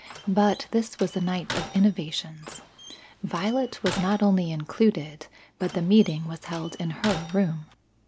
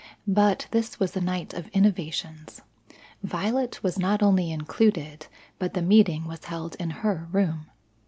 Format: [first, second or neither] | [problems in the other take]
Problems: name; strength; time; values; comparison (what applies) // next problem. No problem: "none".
second | background sound (Slam); 14 dB below the speech